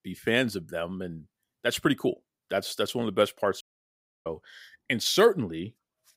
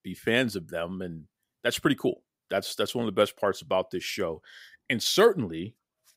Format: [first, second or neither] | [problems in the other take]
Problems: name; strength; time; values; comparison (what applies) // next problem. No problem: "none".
second | audio cutting out; at 3.5 s for 0.5 s